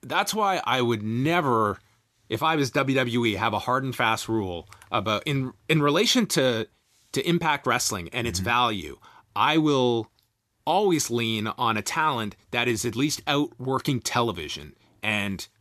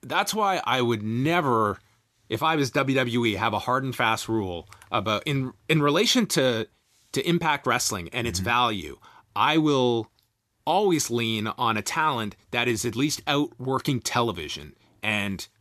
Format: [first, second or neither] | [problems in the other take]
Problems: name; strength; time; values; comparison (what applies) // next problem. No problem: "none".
neither | none